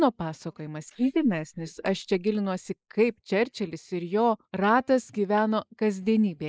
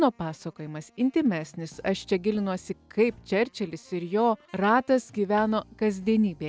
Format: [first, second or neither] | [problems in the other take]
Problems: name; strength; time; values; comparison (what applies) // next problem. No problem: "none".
second | noise reduction (neural mask model Resemble Enhance denoiser)